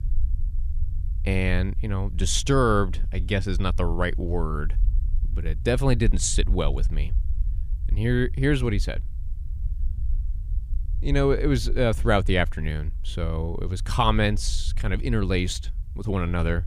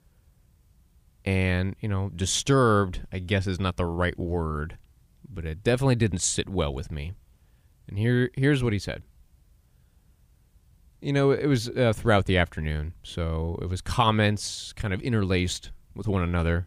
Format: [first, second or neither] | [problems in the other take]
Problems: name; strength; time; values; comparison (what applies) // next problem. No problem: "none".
second | low rumble; faint; throughout; 25 dB below the speech